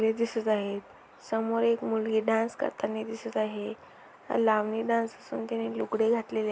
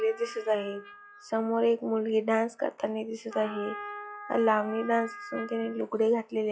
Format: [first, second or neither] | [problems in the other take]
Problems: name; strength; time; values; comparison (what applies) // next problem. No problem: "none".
first | noise reduction (classical method log-MMSE)